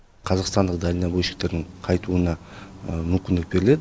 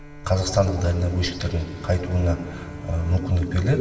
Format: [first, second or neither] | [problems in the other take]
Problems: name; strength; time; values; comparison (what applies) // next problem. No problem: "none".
first | background sound (Bowed string instrument); 18 dB below the speech // room echo; dies away in 2 s